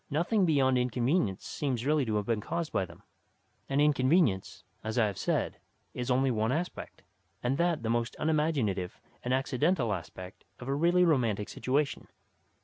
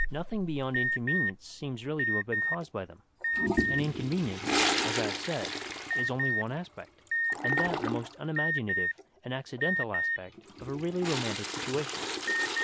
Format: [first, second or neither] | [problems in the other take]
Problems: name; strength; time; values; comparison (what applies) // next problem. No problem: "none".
first | background sound (Toilet flush + Alarm); 3 dB above the speech